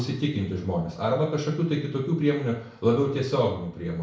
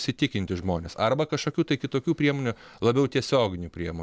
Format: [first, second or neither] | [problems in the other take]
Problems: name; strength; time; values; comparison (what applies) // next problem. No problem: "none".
second | room echo; dies away in 0.6 s